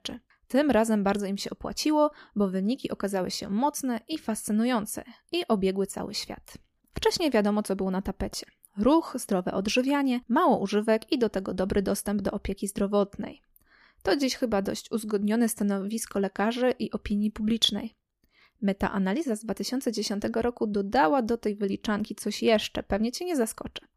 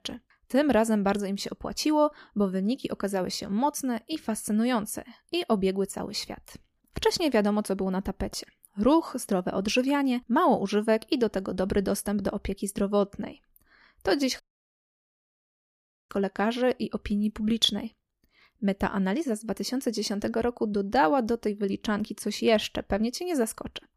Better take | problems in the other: first | audio cutting out; at 14 s for 1.5 s

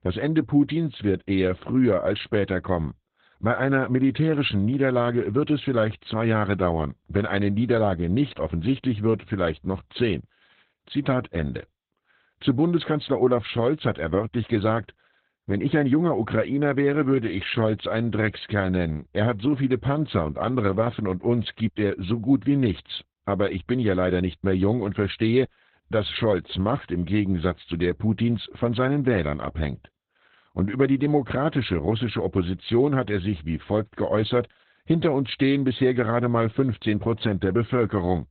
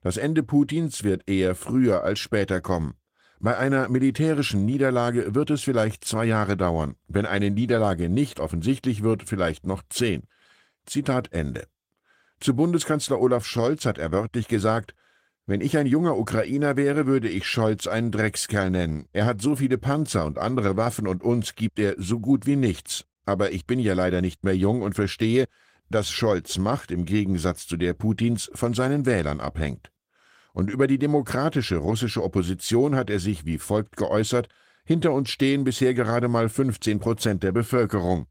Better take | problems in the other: second | garbled, watery; badly; nothing above 4 kHz; slightly in the second

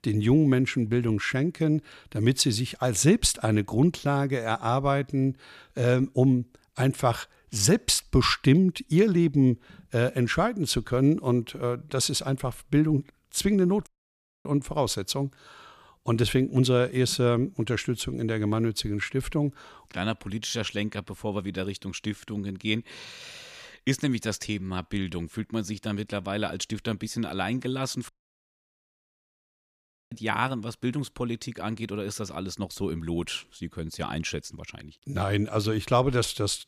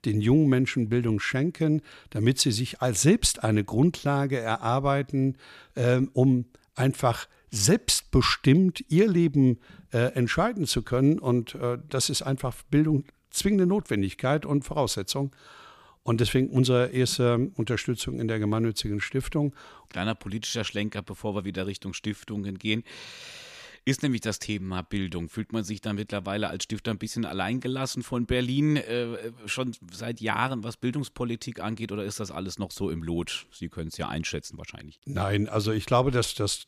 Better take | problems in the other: second | audio cutting out; at 14 s for 0.5 s and at 28 s for 2 s

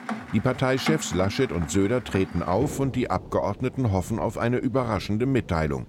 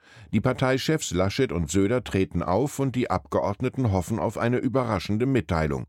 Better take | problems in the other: second | rain or running water; noticeable; throughout; 10 dB below the speech

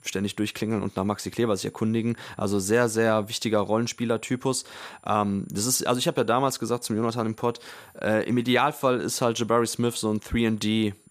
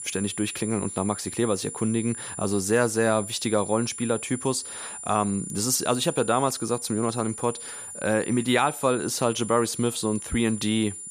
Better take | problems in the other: first | high-pitched whine; loud; throughout; 9.5 kHz, 9 dB below the speech; faint in the first

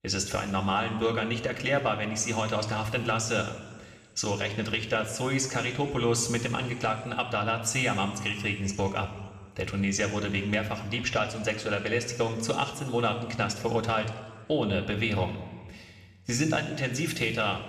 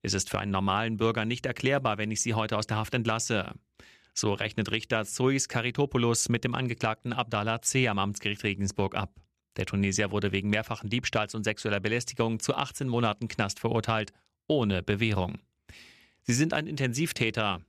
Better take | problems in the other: second | room echo; slight; dies away in 1.3 s // off-mic speech; somewhat distant

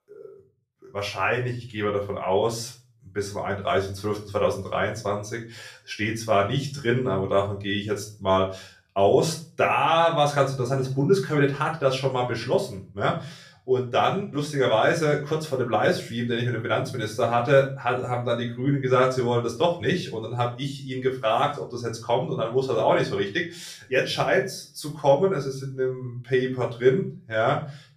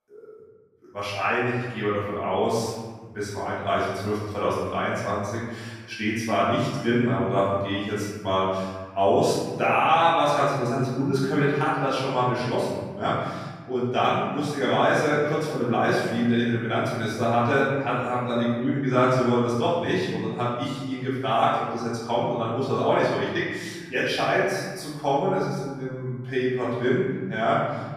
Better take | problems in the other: first | room echo; strong; dies away in 1.4 s; slight in the first // off-mic speech; far; far in the first

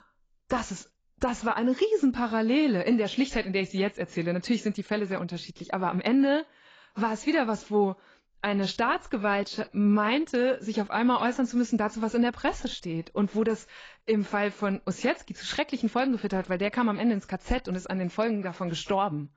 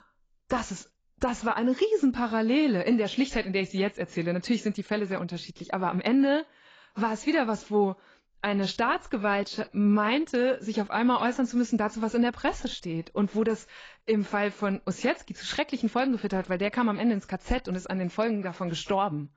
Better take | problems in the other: neither | garbled, watery; badly; nothing above 7.5 kHz; the same in both

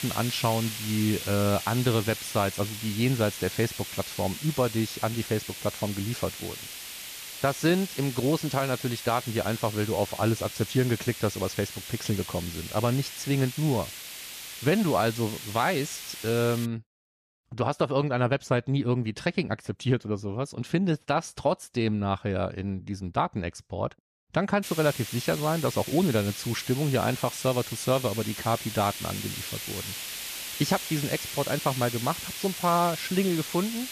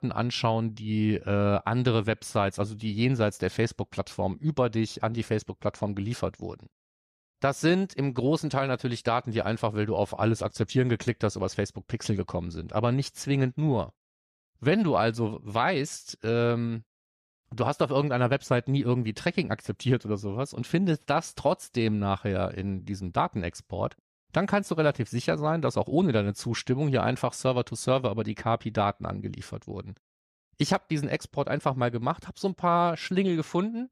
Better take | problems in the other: second | hiss; loud; until 17 s and from 25 s on; 8 dB below the speech

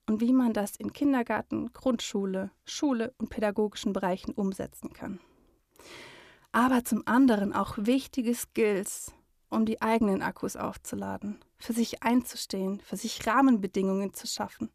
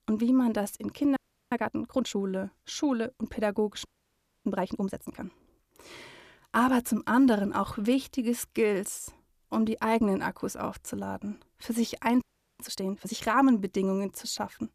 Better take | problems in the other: first | audio freezing; at 1 s, at 4 s for 0.5 s and at 12 s

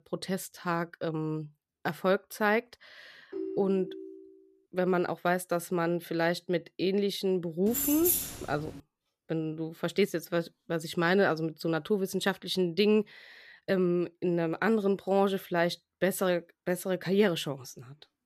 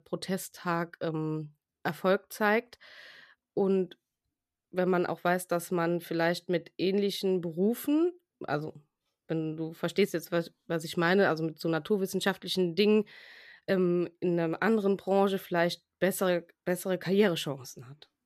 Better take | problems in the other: second | phone ringing; noticeable; at 3.5 s; peak 7 dB below the speech // jangling keys; loud; at 7.5 s; peak 3 dB above the speech

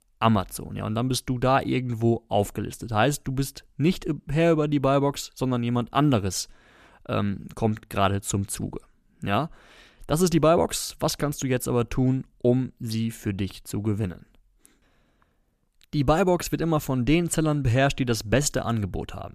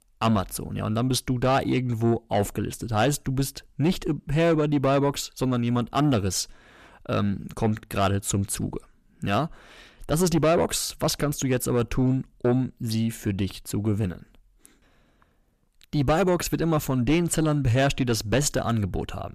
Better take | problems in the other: first | distortion; slight; 10 dB below the speech

